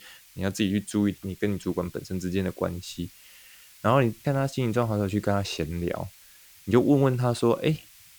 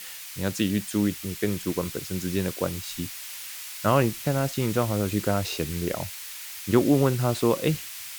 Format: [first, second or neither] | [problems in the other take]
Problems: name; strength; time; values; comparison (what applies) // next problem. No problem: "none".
first | hiss; loud; throughout; 9 dB below the speech; faint in the first